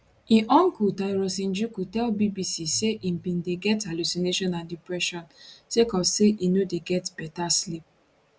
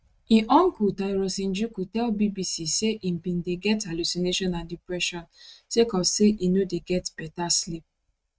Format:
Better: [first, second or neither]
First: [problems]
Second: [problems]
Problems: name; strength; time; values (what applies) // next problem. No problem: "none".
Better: first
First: none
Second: noise reduction (neural mask model RNNoise)